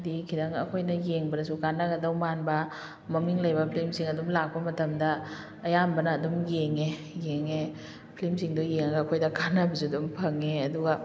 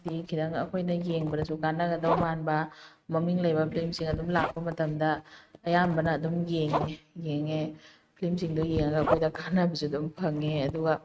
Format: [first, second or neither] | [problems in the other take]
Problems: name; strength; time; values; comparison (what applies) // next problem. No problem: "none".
first | noise reduction (neural mask model RNNoise)